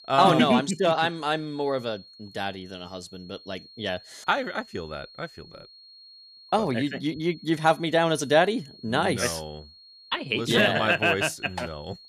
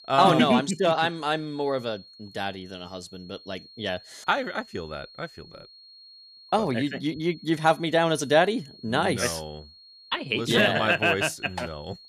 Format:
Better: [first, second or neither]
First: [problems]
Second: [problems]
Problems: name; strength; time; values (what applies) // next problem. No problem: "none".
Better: neither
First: high-pitched whine; faint; throughout; 4.5 kHz, 25 dB below the speech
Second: high-pitched whine; faint; throughout; 4.5 kHz, 25 dB below the speech